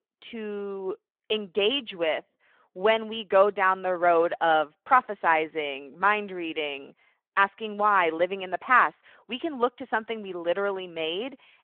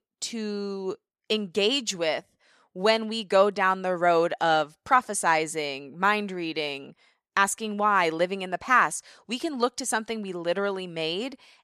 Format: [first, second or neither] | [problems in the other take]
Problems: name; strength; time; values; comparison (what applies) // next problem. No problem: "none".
second | phone-call audio; nothing above 3 kHz